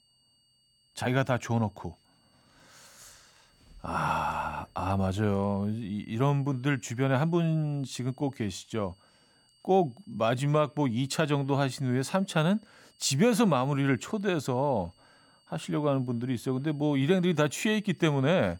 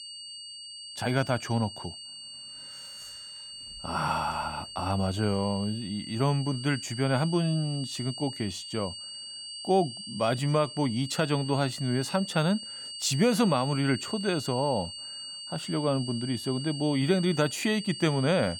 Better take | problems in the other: first | high-pitched whine; loud; throughout; 4.5 kHz, 10 dB below the speech; faint in the first

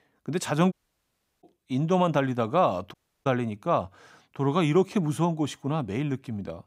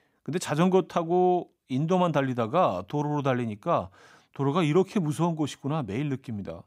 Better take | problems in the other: second | audio cutting out; at 0.5 s for 0.5 s and at 3 s

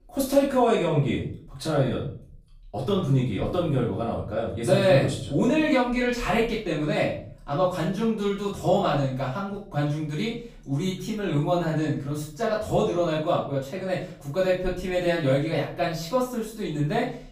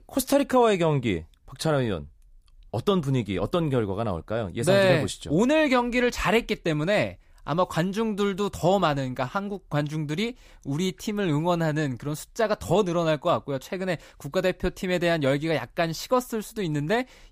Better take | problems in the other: second | off-mic speech; far // room echo; noticeable; dies away in 0.5 s

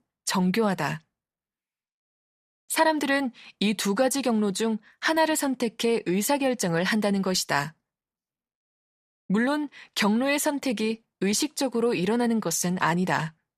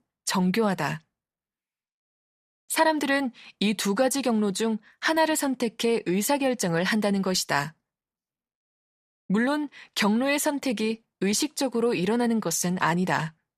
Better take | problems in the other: neither | none

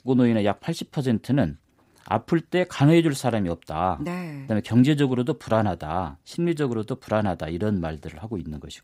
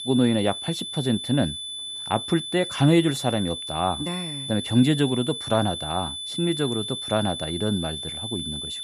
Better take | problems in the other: first | high-pitched whine; loud; throughout; 3.5 kHz, 6 dB below the speech

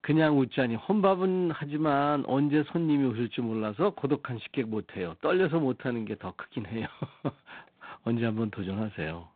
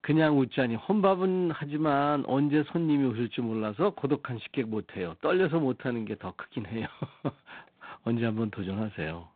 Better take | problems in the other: neither | phone-call audio; poor line; nothing above 4 kHz; the same in both

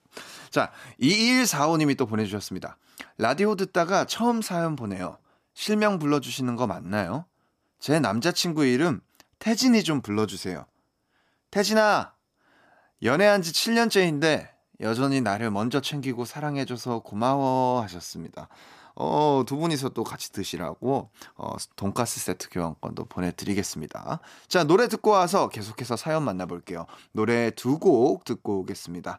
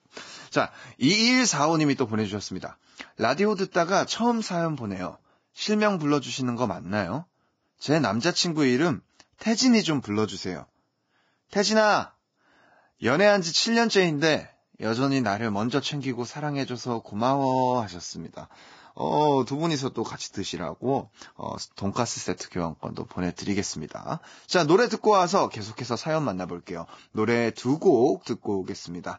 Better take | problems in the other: first | garbled, watery; badly; nothing above 7.5 kHz

